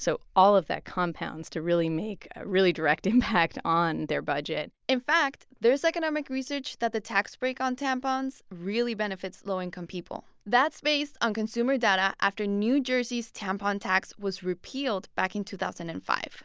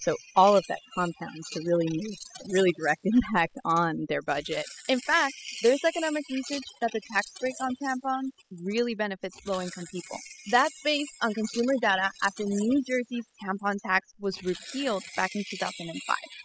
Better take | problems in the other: first | noise reduction (classical method spectral subtraction)

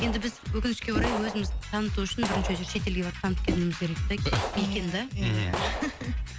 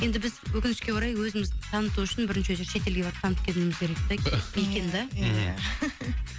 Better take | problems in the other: second | background sound (Knock + Gunshot, gunfire); 7 dB below the speech

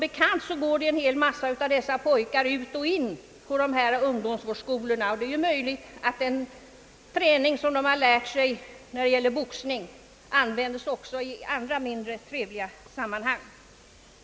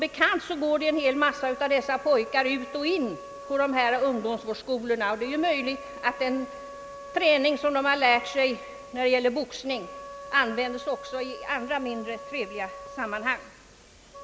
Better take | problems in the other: first | background sound (Wind instrument, woodwind instrument); 15 dB below the speech

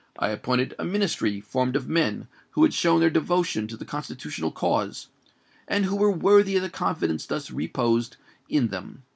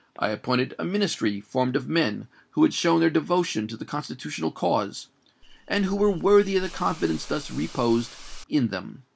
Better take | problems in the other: first | background sound (Hiss / Insect); 14 dB below the speech

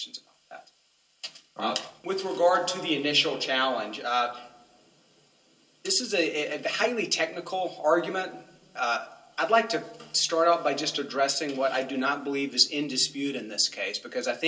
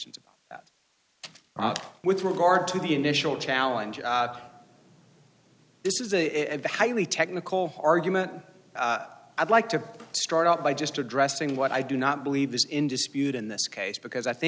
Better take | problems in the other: second | room echo; dies away in 0.2 s

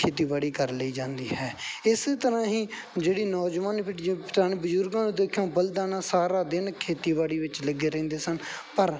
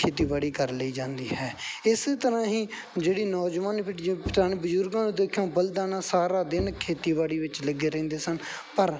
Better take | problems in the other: first | background sound (Bowed string instrument); 13 dB below the speech

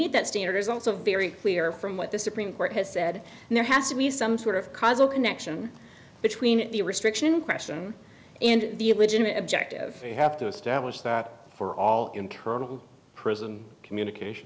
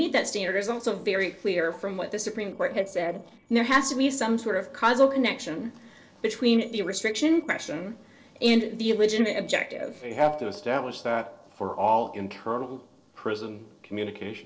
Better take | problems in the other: first | noise reduction (neural separator model SepFormer DNS4)

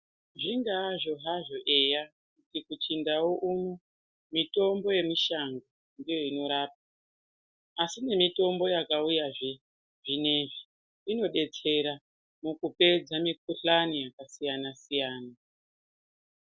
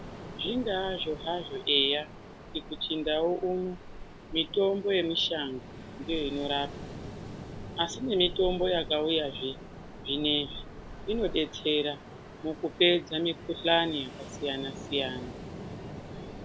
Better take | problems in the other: first | background sound (Ocean); 11 dB below the speech

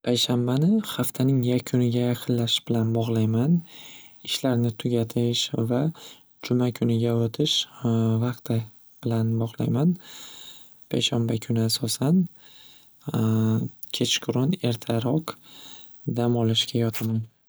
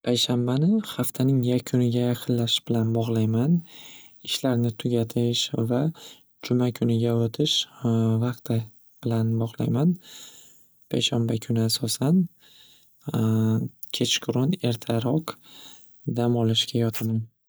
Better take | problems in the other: first | noise reduction (neural mask model DeepFilterNet 3)

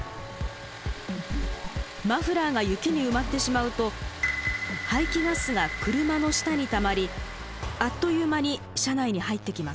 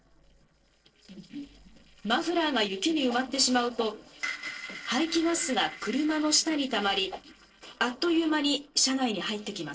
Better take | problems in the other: first | noise reduction (neural separator model SepFormer DNS4)

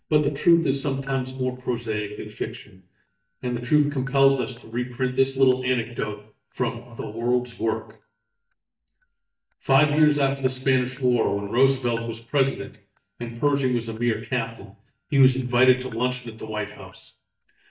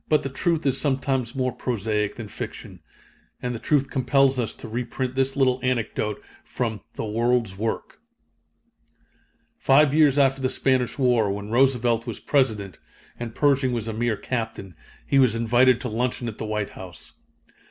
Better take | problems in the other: second | noise reduction (neural mask model DeepFilterNet 3)

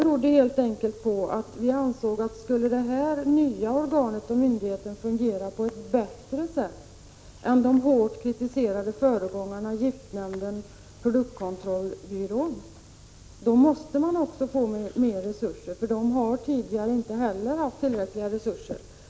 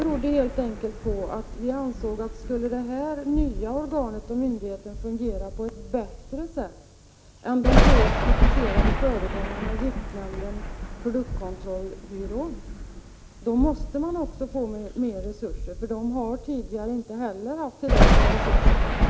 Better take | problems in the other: first | background sound (Thunder); 4 dB above the speech

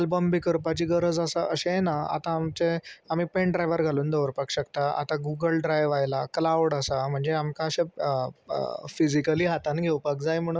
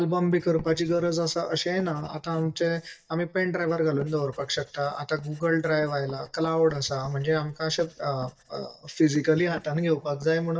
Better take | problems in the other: first | noise reduction (neural mask model DeepFilterNet 3)

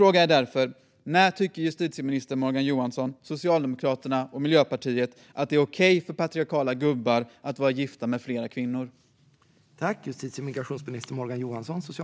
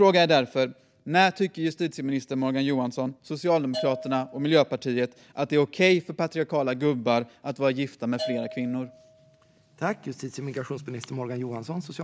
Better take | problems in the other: first | background sound (Bell / Percussion); 18 dB below the speech

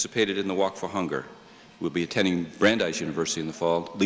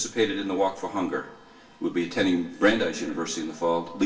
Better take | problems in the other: first | room echo; dies away in 0.3 s

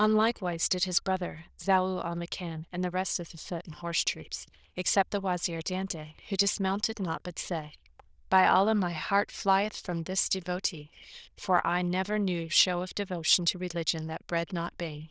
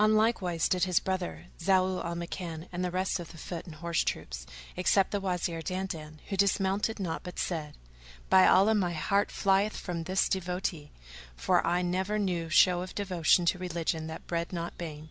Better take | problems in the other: second | noise reduction (neural diffusion model UNIVERSE++)

